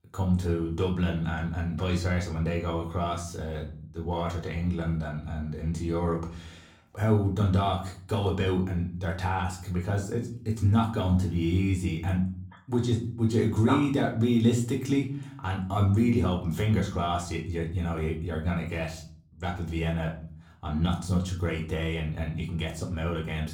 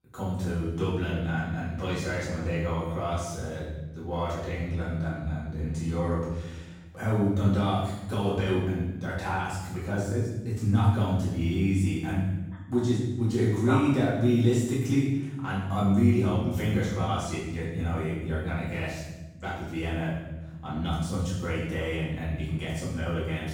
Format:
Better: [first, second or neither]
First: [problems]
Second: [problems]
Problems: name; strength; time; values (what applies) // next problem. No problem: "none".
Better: first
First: room echo; slight; dies away in 0.4 s // off-mic speech; somewhat distant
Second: room echo; strong; dies away in 1 s // off-mic speech; far